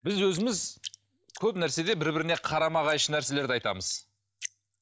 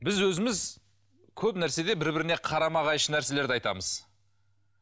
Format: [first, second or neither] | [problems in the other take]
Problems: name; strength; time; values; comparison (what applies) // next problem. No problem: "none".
second | noise reduction (neural mask model DeepFilterNet 3)